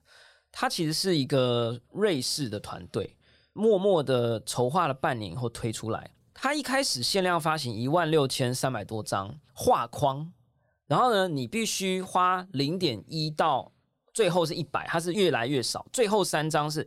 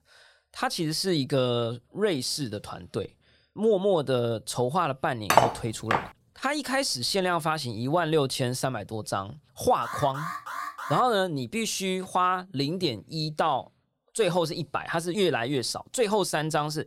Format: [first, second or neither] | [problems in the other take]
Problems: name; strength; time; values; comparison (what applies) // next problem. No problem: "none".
first | clattering dishes; loud; at 5.5 s; peak 5 dB above the speech // alarm; noticeable; from 10 to 11 s; peak 7 dB below the speech